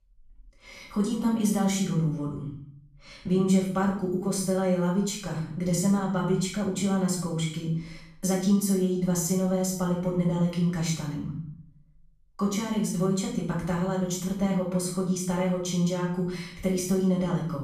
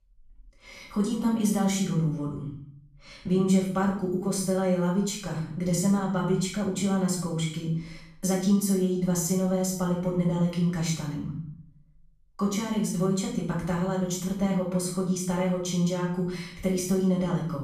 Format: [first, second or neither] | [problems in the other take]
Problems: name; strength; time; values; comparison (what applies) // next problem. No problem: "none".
neither | off-mic speech; far; the same in both // room echo; noticeable; dies away in 0.6 s; the same in both